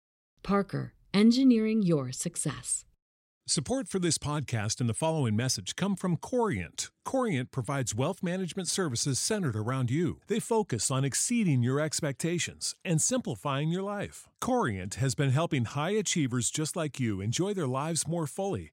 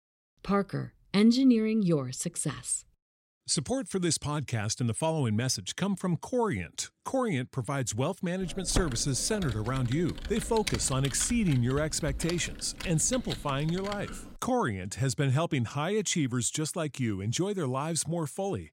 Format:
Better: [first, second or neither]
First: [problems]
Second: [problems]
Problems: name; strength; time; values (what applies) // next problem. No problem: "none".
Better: first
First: none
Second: keyboard typing; noticeable; from 8.5 to 14 s; peak 5 dB below the speech